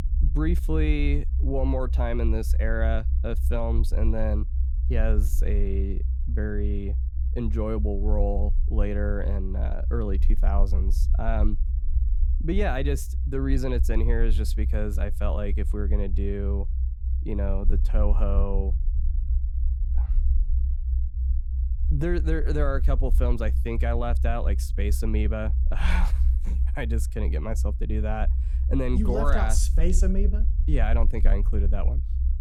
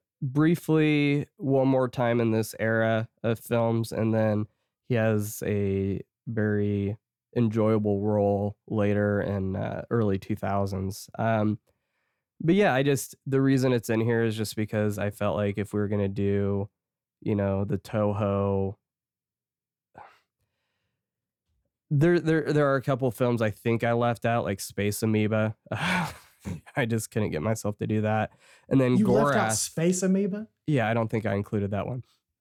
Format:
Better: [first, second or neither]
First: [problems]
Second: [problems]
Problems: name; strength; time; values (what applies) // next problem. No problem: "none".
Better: second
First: low rumble; noticeable; throughout; 15 dB below the speech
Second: none